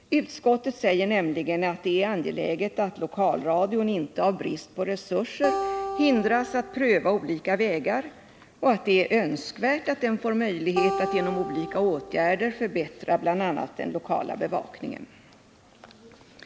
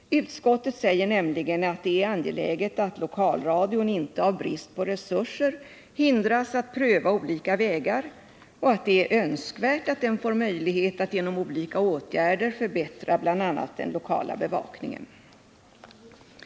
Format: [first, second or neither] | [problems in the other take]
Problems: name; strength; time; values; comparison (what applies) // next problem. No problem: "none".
second | background sound (Acoustic guitar); 7 dB below the speech